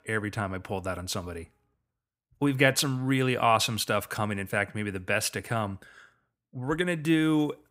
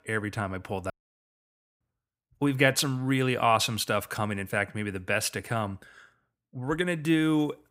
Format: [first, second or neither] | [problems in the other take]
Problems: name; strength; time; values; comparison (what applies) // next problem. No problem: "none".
first | audio cutting out; at 1 s for 1 s